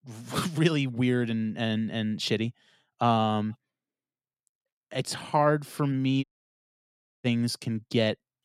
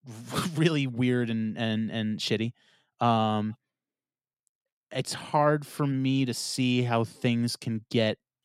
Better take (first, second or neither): second